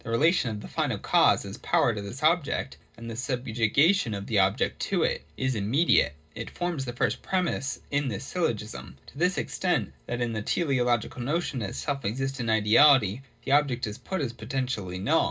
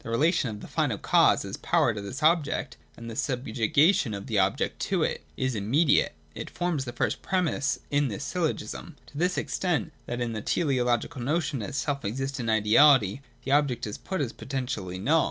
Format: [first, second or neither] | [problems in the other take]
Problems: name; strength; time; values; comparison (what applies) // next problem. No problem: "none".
second | room echo; dies away in 0.2 s